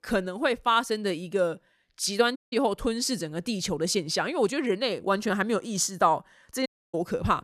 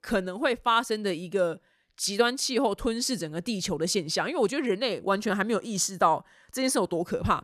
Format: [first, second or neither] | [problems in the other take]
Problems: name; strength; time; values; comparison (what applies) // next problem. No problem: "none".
second | audio cutting out; at 2.5 s and at 6.5 s